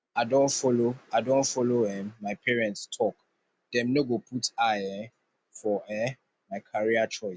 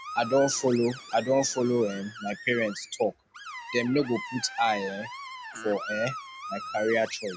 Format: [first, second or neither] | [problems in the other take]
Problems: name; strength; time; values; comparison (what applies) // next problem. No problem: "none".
first | background sound (Screech); 12 dB below the speech